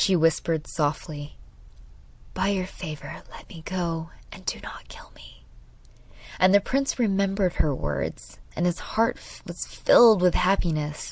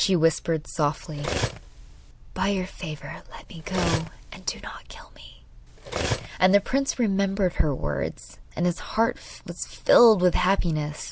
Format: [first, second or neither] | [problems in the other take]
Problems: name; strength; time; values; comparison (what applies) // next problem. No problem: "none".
first | background sound (Cutlery, silverware); 7 dB below the speech